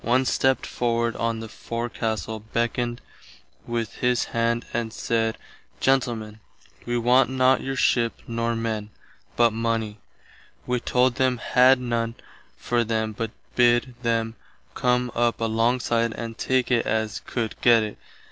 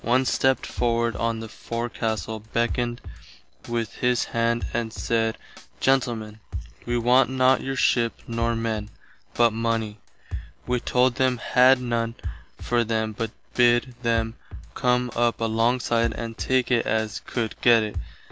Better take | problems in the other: first | background sound (Drum kit); 12 dB below the speech

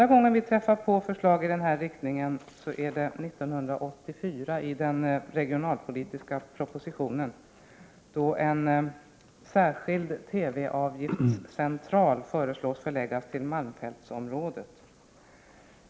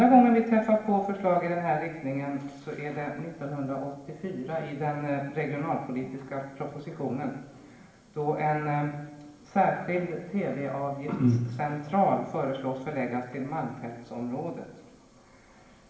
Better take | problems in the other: first | room echo; dies away in 1 s

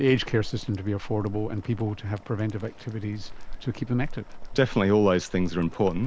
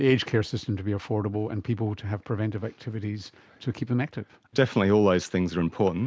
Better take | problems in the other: second | background sound (Boiling); 10 dB below the speech

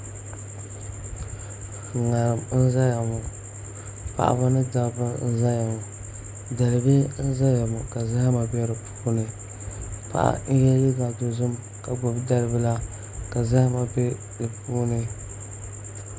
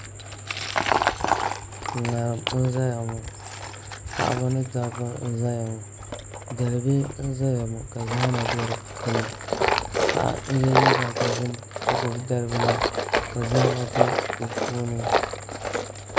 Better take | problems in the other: first | background sound (Tools); as loud as the speech

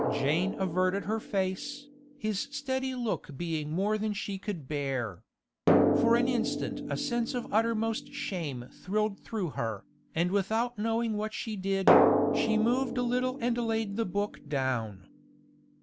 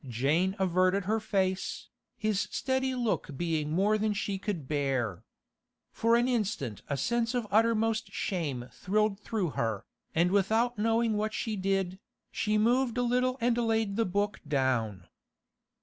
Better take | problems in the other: second | background sound (Drum); 2 dB below the speech

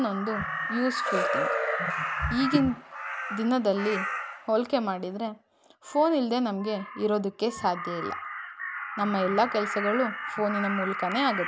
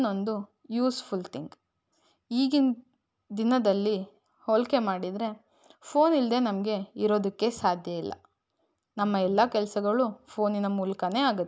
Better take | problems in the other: second | background sound (Crow); 4 dB below the speech

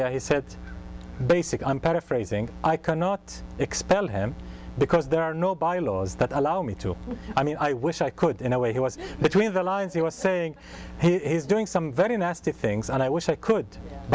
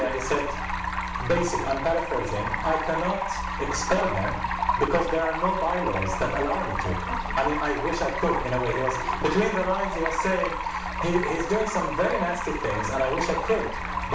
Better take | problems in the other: first | background sound (Stream); 3 dB below the speech // room echo; dies away in 0.5 s

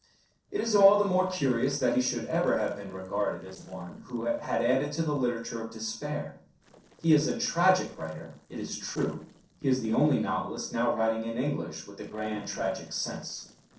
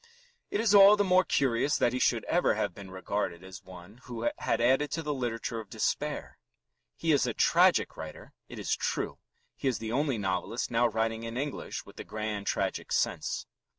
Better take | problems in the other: second | noise reduction (neural separator model SepFormer DNS4)

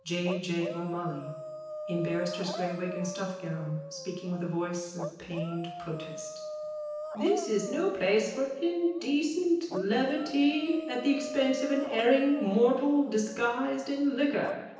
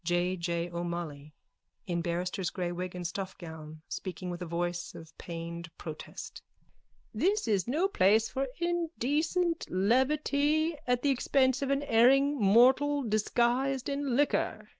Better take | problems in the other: second | background sound (Dog); 11 dB below the speech // room echo; dies away in 0.9 s

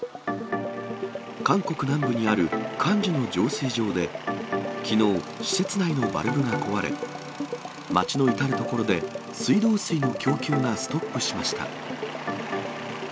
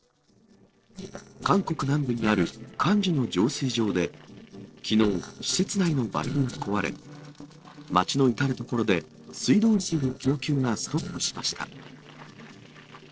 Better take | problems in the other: first | noise reduction (neural separator model SepFormer DNS4)

